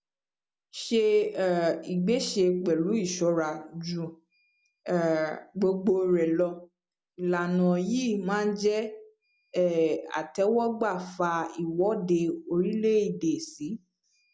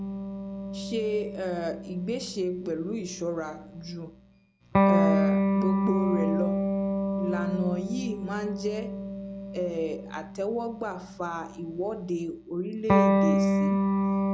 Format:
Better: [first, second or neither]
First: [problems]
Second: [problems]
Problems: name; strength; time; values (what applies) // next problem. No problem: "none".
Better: first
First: none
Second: background sound (Electric guitar); 5 dB above the speech